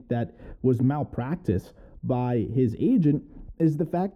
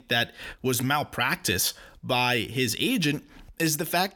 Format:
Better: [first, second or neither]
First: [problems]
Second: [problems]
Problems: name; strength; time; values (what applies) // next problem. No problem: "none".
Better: second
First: muffled; very; fading above 1 kHz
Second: none